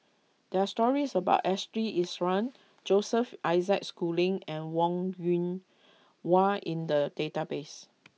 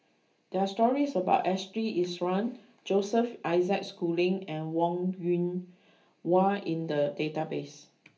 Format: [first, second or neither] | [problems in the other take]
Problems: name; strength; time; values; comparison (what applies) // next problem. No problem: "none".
first | room echo; dies away in 0.3 s